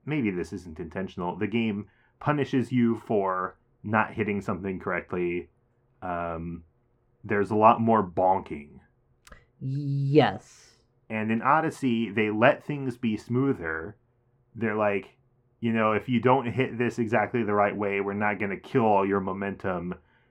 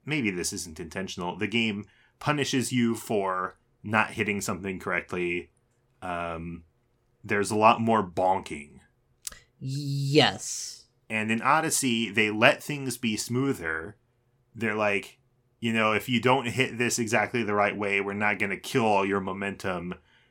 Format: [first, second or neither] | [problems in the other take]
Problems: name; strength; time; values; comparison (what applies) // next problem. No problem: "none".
second | muffled; very; fading above 3 kHz